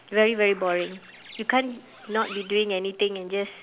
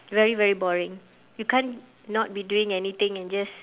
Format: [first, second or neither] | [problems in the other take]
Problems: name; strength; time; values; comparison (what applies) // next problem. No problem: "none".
second | background sound (Bird); 18 dB below the speech